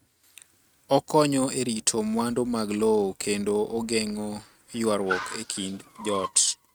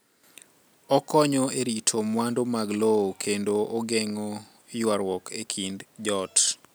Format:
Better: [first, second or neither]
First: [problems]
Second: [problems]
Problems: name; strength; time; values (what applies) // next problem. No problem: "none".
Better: second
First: noise reduction (neural mask model RNNoise)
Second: none